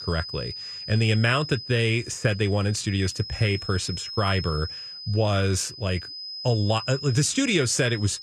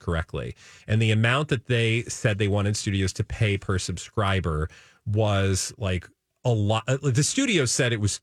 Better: second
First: high-pitched whine; noticeable; throughout; 5 kHz, 10 dB below the speech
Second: none

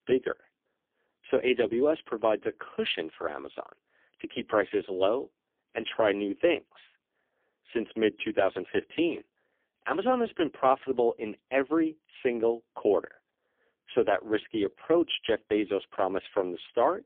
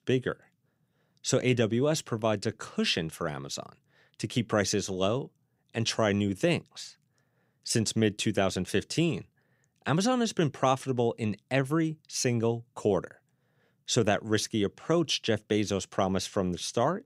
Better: second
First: phone-call audio; poor line; nothing above 3.5 kHz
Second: none

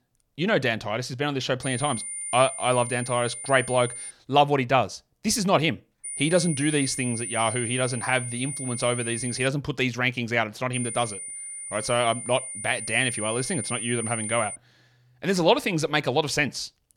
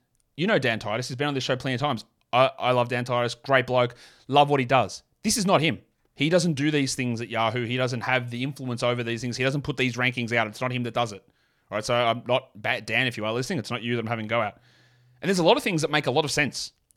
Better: second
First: high-pitched whine; loud; from 1.5 to 4 s, from 6 to 9.5 s and from 11 to 15 s; 9.5 kHz, 7 dB below the speech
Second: none

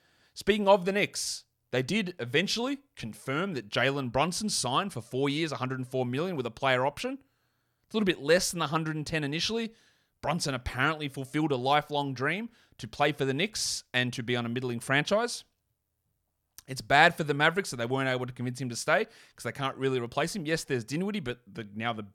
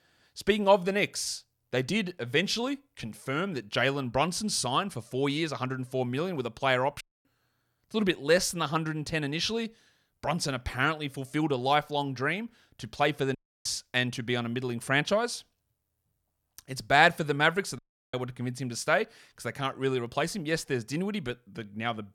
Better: first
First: none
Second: audio cutting out; at 7 s, at 13 s and at 18 s

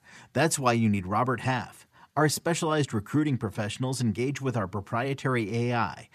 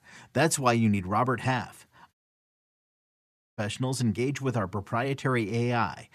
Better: first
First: none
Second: audio cutting out; at 2 s for 1.5 s

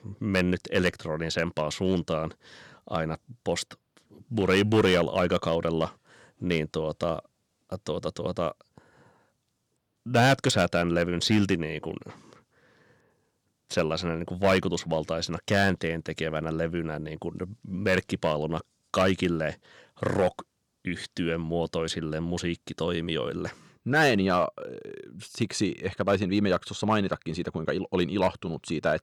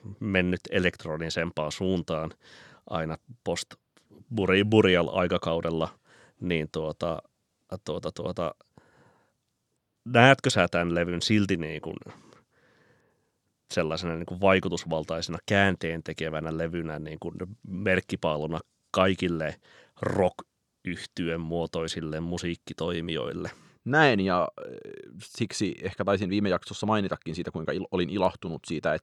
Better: second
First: distortion; slight; 1.7% of the sound clipped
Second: none

